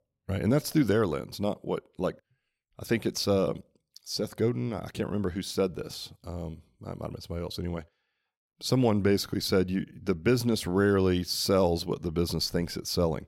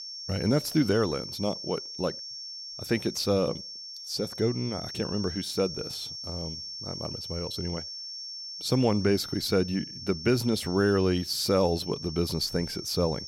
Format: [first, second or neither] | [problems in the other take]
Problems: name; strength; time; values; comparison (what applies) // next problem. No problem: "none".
first | high-pitched whine; loud; throughout; 5.5 kHz, 8 dB below the speech